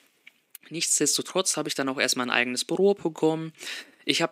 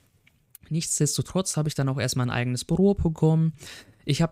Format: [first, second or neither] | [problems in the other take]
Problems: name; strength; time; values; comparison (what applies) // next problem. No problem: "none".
second | thin; somewhat; fading below 300 Hz